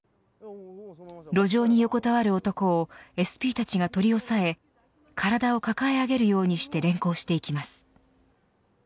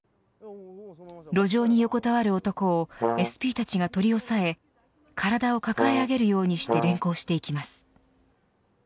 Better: first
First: none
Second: background sound (Brass instrument); 2 dB below the speech

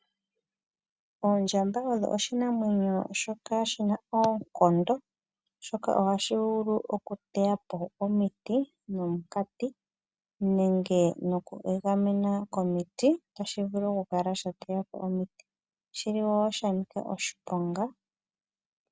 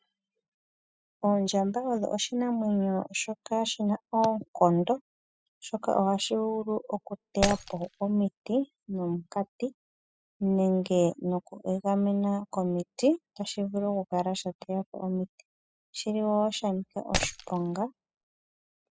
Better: first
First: none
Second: noise reduction (classical method spectral subtraction)

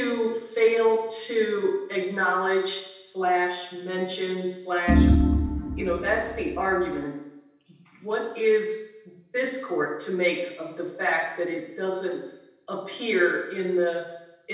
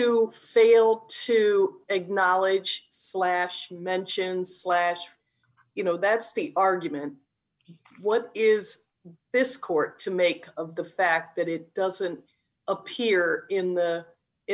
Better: second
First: background sound (Organ); 4 dB above the speech // room echo; dies away in 0.9 s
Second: none

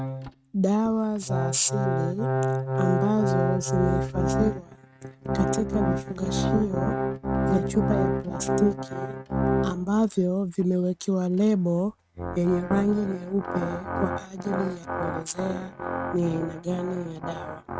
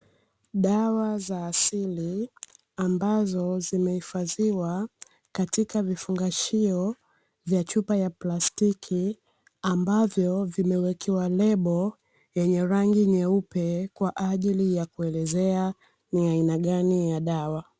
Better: second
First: noise reduction (neural mask model RNNoise)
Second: none

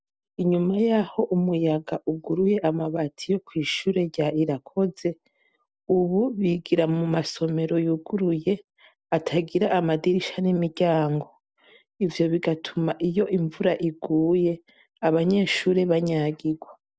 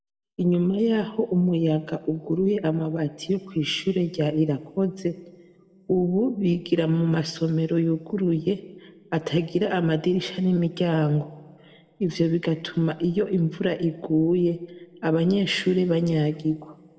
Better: first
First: none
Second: room echo; dies away in 0.9 s

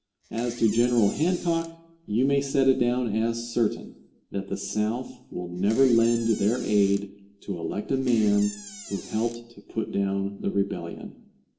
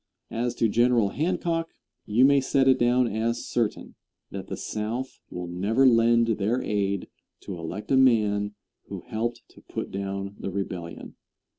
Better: second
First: background sound (Door); 17 dB below the speech // room echo; dies away in 0.6 s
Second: none

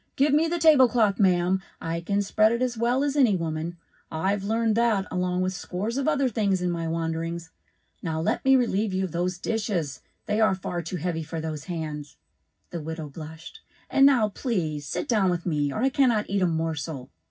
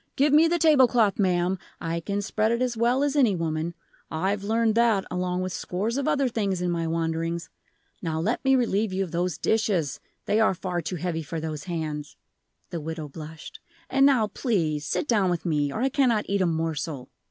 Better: second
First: room echo; dies away in 0.4 s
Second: none

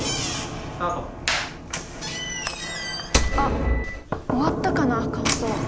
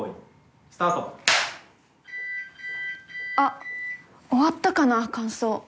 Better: second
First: background sound (Knock / Slam); 3 dB above the speech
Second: none

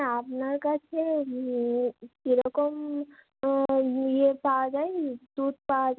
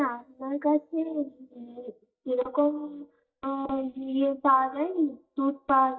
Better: first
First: none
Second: noise reduction (neural mask model DeepFilterNet 3)

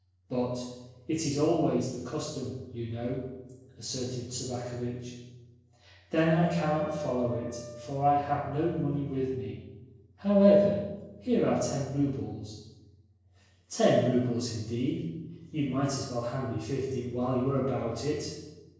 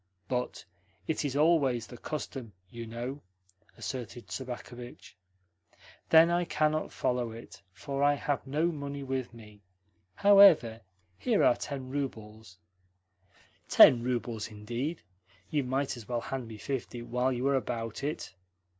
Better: second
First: noise reduction (neural separator model SepFormer DNS4)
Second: none

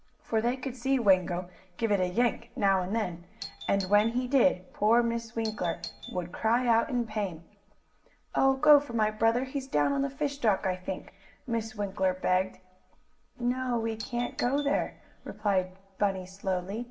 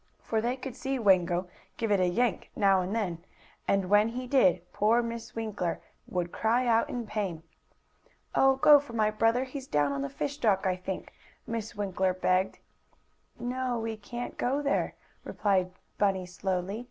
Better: second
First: background sound (Doorbell); 16 dB below the speech // room echo; dies away in 0.5 s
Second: none

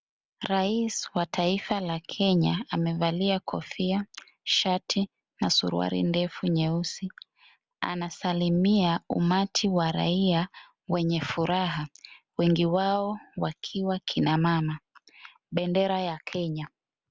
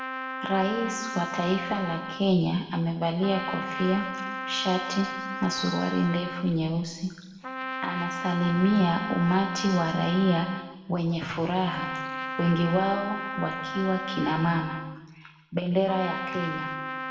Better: first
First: none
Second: background sound (Trumpet); 8 dB below the speech // room echo; dies away in 1.3 s

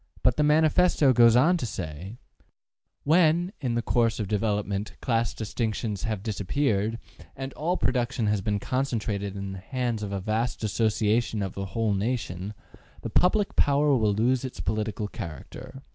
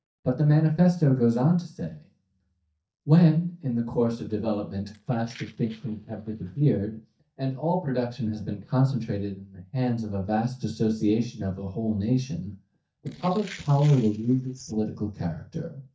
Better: first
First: none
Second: noise reduction (neural mask model DeepFilterNet 3)

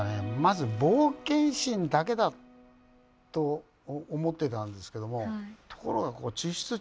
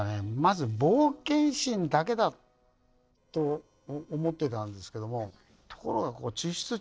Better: first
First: none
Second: noise reduction (neural separator model SepFormer DNS4)

